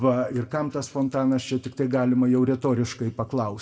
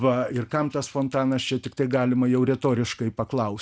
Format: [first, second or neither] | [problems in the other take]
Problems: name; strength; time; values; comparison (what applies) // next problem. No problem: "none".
second | room echo; dies away in 1 s